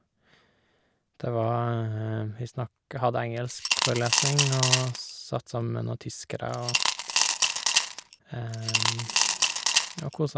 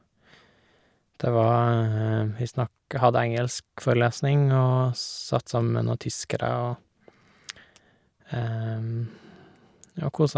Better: second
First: background sound (Coin (dropping) / Glass); 4 dB above the speech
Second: none

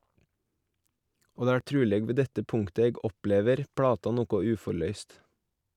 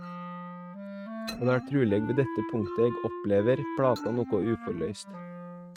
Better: first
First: none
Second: noise reduction (neural mask model RNNoise)

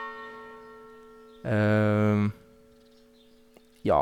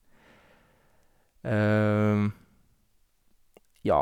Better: second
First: background sound (Church bell); 19 dB below the speech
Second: none

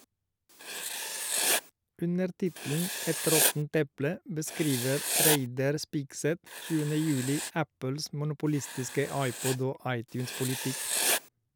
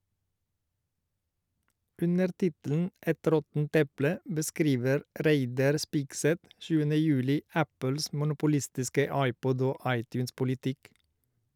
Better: second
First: background sound (Writing); 2 dB below the speech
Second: none

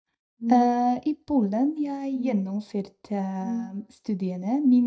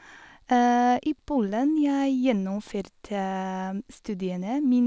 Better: second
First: noise reduction (neural mask model DeepFilterNet 3)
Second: none

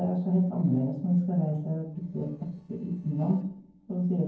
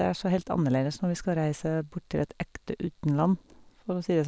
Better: second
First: noise reduction (neural separator model SepFormer DNS4)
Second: none

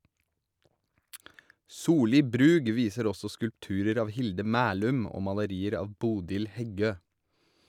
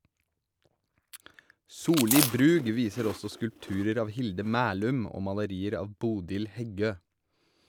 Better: first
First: none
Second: background sound (Chewing, mastication); 6 dB below the speech

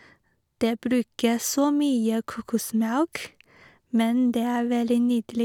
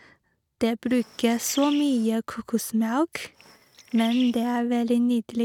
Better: first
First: none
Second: noise reduction (neural mask model RNNoise)

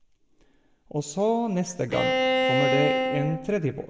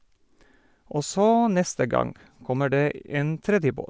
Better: second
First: background sound (Bowed string instrument); 3 dB above the speech // room echo; dies away in 1 s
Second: none

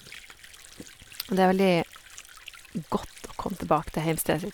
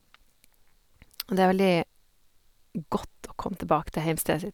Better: second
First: background sound (Sink (filling or washing) / Water); 20 dB below the speech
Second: none

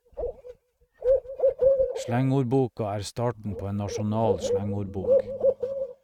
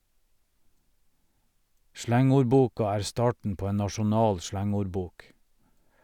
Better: second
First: noise reduction (neural mask model RNNoise)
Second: none

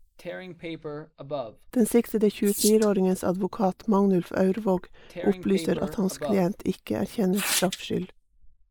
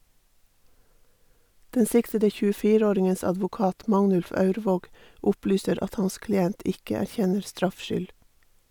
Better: second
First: noise reduction (neural mask model Resemble Enhance denoiser)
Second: none

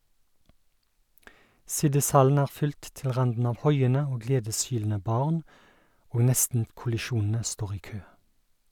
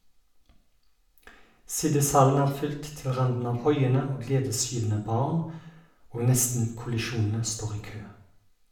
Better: first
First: none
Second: room echo; dies away in 0.6 s

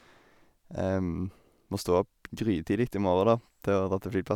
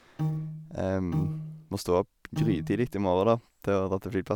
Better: first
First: none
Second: background sound (Piano); 4 dB below the speech

